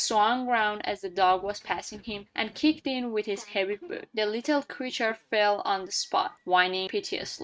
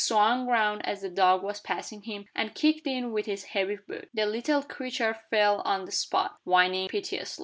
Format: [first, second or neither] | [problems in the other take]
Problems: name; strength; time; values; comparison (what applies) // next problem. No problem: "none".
second | noise reduction (neural mask model RNNoise)